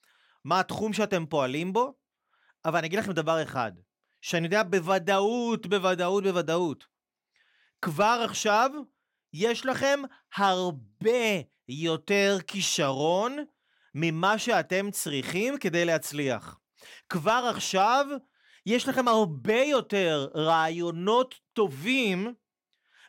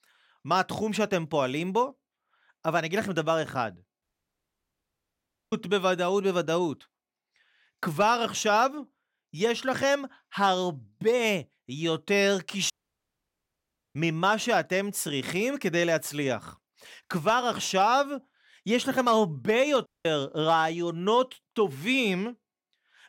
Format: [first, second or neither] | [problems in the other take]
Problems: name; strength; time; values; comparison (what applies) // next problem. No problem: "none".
first | audio cutting out; at 4 s for 1.5 s, at 13 s for 1.5 s and at 20 s